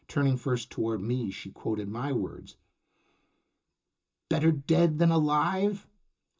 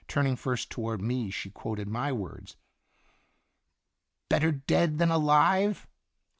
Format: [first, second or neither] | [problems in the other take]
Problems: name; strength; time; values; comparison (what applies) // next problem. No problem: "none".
second | room echo; dies away in 0.2 s